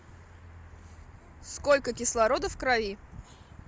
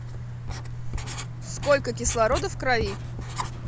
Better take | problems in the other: first | background sound (Writing); 3 dB below the speech

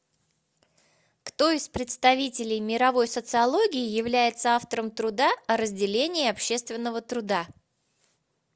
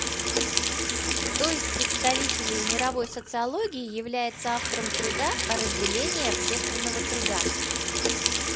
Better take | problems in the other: first | background sound (Sink (filling or washing) / Water tap, faucet); 4 dB above the speech

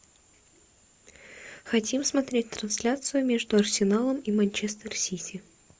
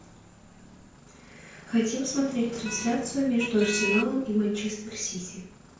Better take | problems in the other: first | background sound (Motor vehicle (road)); 10 dB below the speech // room echo; dies away in 0.5 s

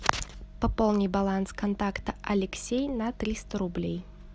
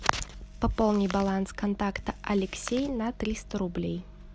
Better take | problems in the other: first | background sound (Chewing, mastication); 18 dB below the speech

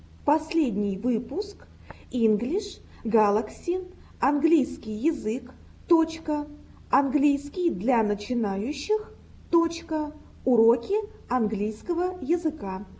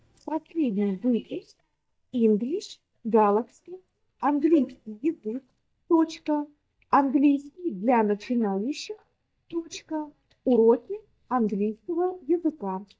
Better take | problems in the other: first | noise reduction (neural mask model DeepFilterNet 3)

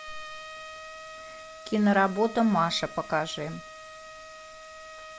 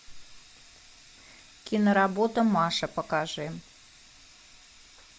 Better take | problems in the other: second | background sound (Trumpet); 14 dB below the speech

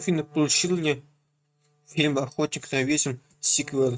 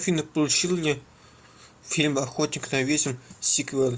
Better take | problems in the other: second | noise reduction (neural mask model RNNoise)

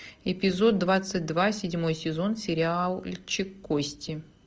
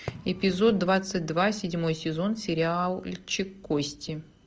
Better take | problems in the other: first | background sound (Fireworks); 20 dB below the speech

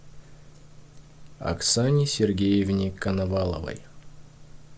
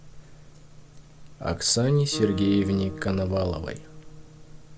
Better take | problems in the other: first | background sound (Acoustic guitar); 14 dB below the speech

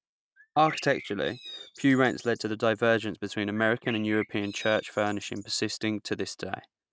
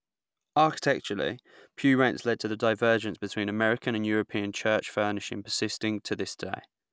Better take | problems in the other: second | noise reduction (neural mask model RNNoise)

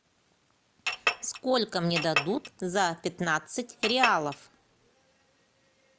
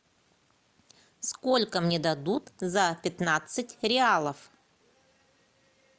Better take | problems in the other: second | background sound (Chink, clink); 3 dB below the speech

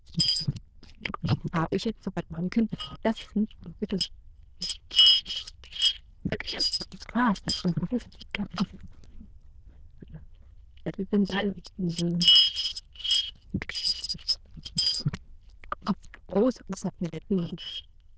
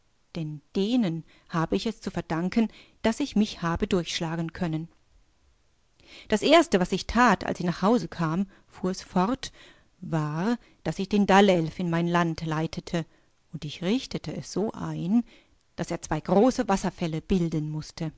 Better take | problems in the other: second | noise reduction (neural diffusion model UNIVERSE++)

